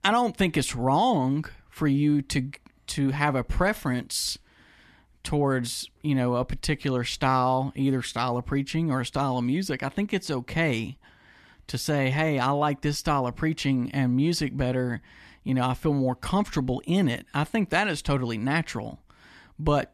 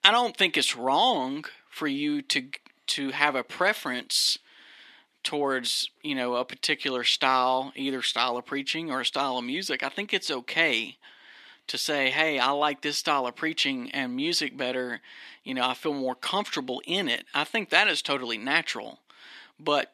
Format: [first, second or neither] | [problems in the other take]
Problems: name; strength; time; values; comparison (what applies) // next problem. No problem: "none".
first | thin; somewhat; fading below 300 Hz